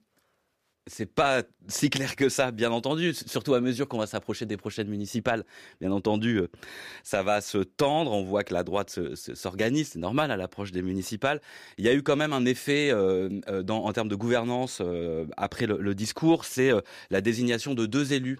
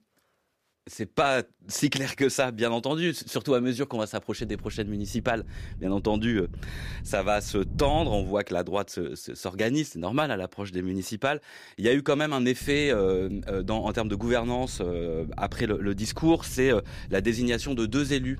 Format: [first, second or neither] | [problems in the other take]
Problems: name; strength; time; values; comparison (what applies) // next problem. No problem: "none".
first | wind noise on the microphone; occasional gusts; from 4.5 to 8.5 s and from 13 s on; 25 dB below the speech